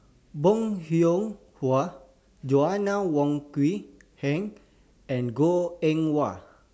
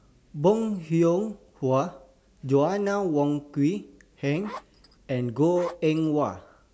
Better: first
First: none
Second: background sound (Zipper (clothing)); 16 dB below the speech

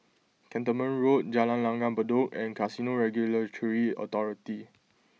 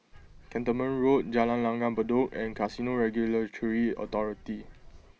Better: first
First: none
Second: background sound (Bird); 20 dB below the speech

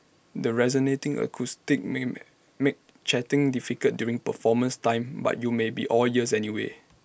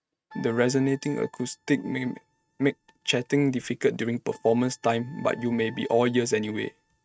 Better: first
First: none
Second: noise reduction (neural mask model RNNoise)

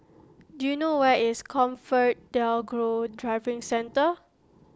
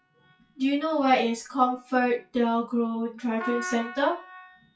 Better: first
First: none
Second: noise reduction (classical method WPE with log-MMSE)

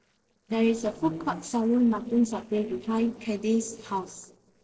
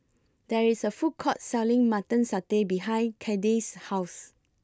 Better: second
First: noise reduction (neural separator model SepFormer DNS4)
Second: none

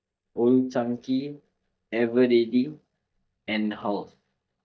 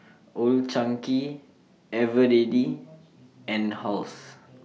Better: second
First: noise reduction (neural mask model DeepFilterNet 3)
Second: none

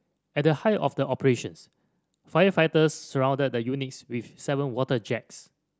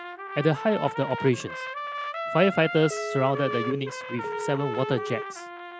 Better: first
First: none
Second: background sound (Telephone + Trumpet); 6 dB below the speech

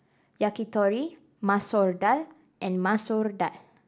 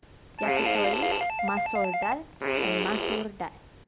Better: first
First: none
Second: background sound (Doorbell + Fart); 5 dB above the speech

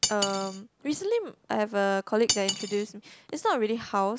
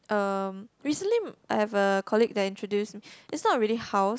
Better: second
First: background sound (Cutlery, silverware); 7 dB below the speech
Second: none

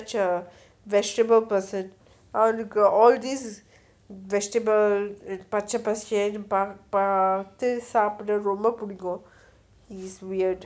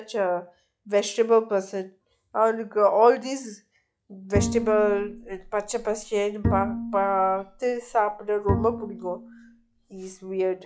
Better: first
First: none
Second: noise reduction (classical method log-MMSE)

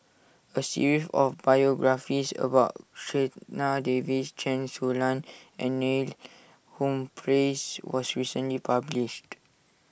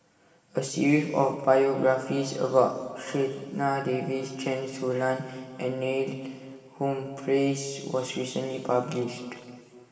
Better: first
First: none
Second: room echo; dies away in 2.1 s

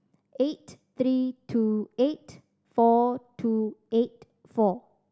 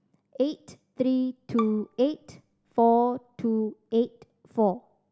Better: first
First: none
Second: background sound (Bowed string instrument); 16 dB below the speech

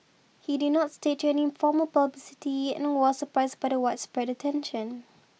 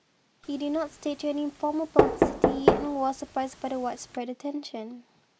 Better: first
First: none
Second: background sound (Knock); 4 dB above the speech

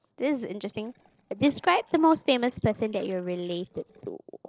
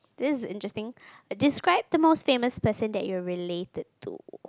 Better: second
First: noise reduction (neural separator model SepFormer DNS4)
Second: none

